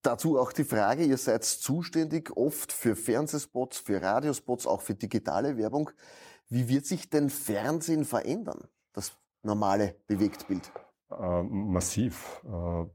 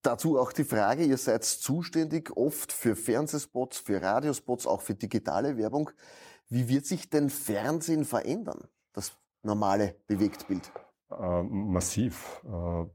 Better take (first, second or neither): neither